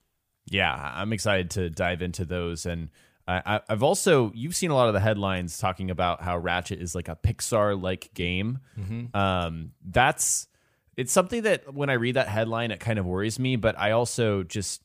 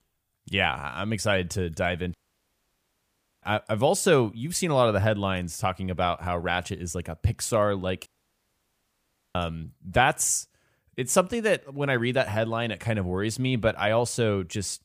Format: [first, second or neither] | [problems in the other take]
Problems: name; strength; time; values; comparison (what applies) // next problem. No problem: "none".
first | audio cutting out; at 2 s for 1.5 s and at 8 s for 1.5 s